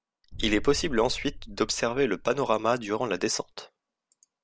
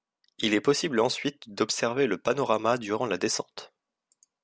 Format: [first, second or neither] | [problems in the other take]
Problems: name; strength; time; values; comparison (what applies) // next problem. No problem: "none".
second | background sound (Boom); 10 dB below the speech